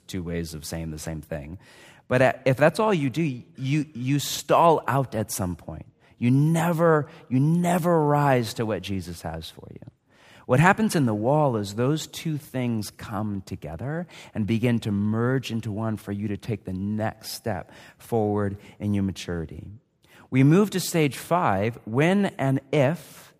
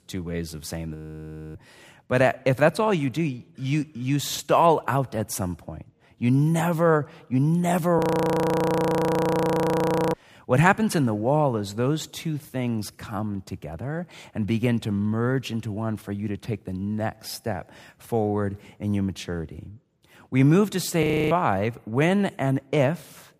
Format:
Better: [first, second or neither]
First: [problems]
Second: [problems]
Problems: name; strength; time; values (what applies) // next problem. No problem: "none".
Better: first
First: none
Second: audio freezing; at 1 s for 0.5 s, at 8 s for 2 s and at 21 s